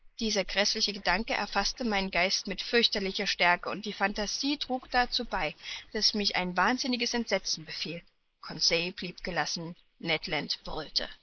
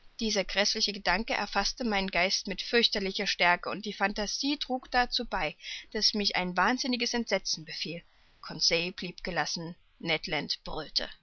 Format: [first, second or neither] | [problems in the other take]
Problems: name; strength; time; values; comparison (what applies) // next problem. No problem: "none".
second | noise reduction (neural mask model Resemble Enhance denoiser)